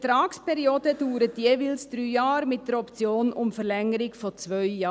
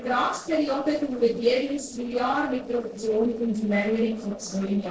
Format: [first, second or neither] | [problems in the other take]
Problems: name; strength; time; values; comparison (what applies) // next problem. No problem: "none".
first | noise reduction (neural separator model SepFormer DNS4)